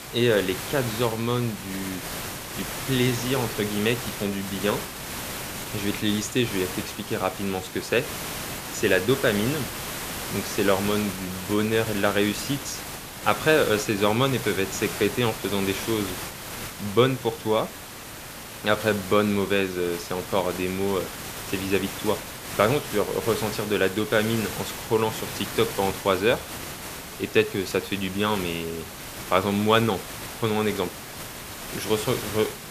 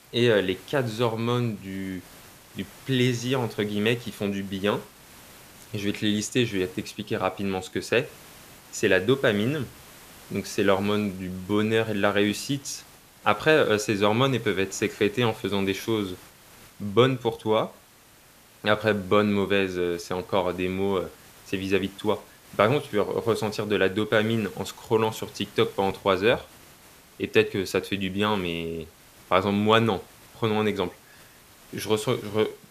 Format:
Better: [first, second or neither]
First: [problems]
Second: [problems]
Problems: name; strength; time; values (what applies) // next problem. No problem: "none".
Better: second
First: hiss; loud; throughout; 8 dB below the speech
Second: hiss; faint; throughout; 25 dB below the speech